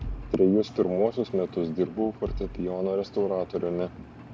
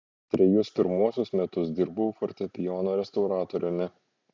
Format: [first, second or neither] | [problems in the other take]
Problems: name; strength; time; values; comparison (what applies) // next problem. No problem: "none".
second | background sound (Engine + Bass drum); 13 dB below the speech